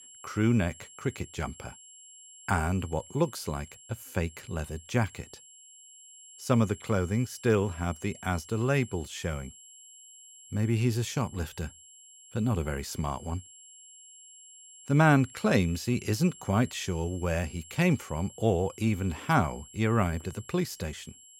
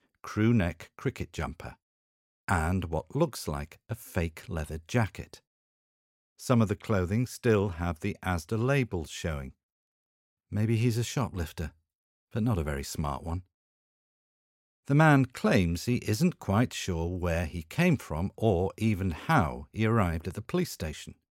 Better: second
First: high-pitched whine; noticeable; throughout; 7.5 kHz, 20 dB below the speech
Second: none

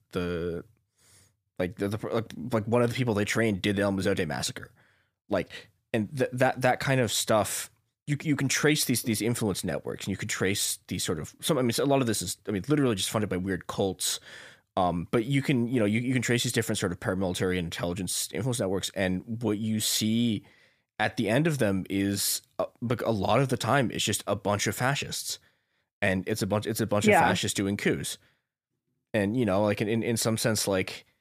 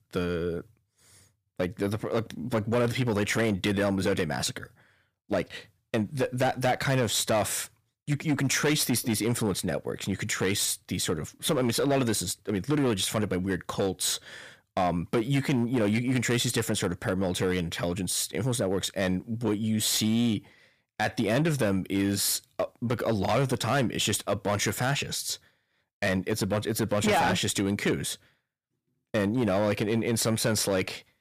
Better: first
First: none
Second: distortion; slight; 7% of the sound clipped

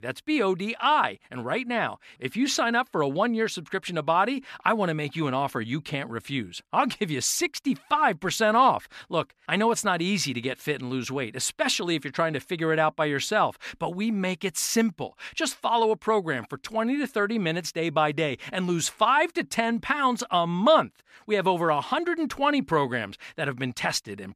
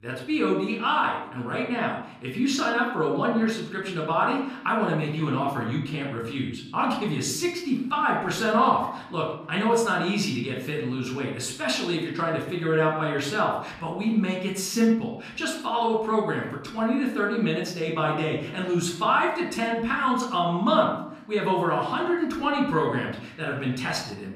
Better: first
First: none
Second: off-mic speech; somewhat distant // room echo; noticeable; dies away in 0.7 s

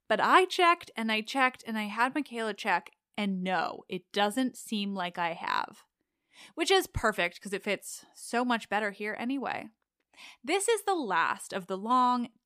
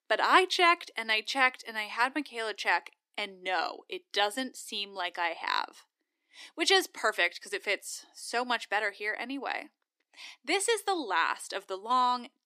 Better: first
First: none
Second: thin; somewhat; fading below 300 Hz

